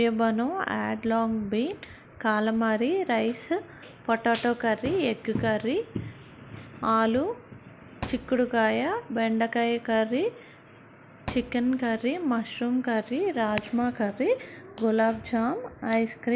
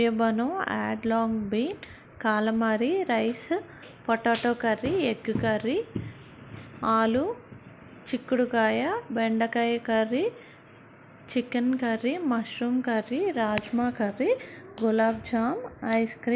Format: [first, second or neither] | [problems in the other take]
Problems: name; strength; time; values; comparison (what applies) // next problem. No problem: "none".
second | background sound (Thump, thud); 16 dB below the speech